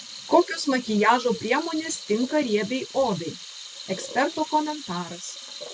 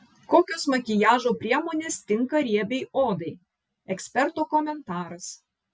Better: second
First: background sound (Sink (filling or washing) / Water tap, faucet); 14 dB below the speech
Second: none

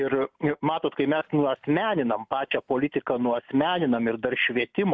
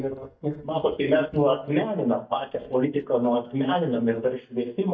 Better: first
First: none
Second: noise reduction (neural mask model DeepFilterNet 3)

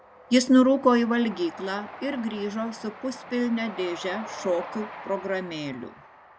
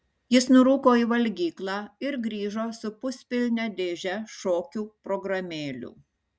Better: second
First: background sound (Train); 16 dB below the speech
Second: none

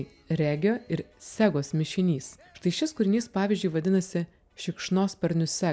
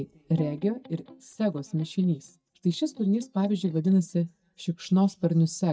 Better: first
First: none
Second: noise reduction (neural mask model DeepFilterNet 3)

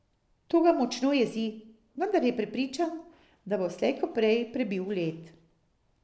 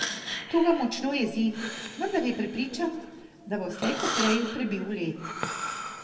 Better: first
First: none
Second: background sound (Breathing); 7 dB below the speech // room echo; dies away in 1.4 s

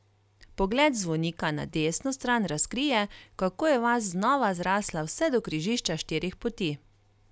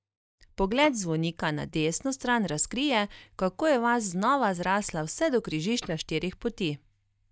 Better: first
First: none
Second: noise reduction (neural mask model DeepFilterNet 3)

